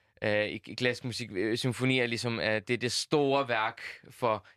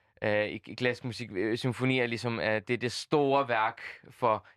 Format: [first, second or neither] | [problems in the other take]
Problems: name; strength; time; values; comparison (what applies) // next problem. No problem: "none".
first | muffled; very slightly; fading above 3.5 kHz